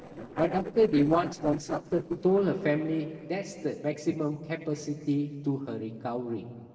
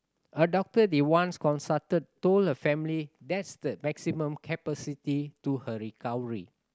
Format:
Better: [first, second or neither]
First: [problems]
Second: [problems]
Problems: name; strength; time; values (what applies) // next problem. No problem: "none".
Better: second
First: noise reduction (neural separator model SepFormer DNS4)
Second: none